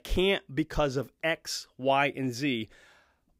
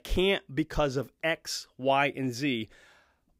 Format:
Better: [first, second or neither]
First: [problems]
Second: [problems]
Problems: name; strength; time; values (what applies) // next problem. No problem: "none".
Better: neither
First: none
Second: none